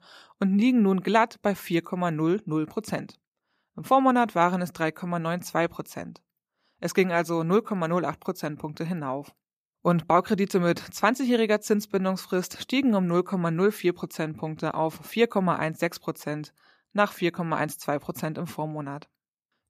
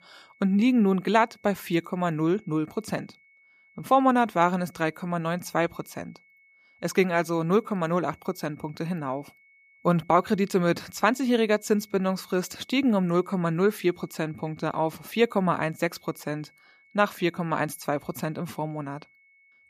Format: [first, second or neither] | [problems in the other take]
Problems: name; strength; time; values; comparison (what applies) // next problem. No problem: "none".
first | high-pitched whine; faint; throughout; 2 kHz, 30 dB below the speech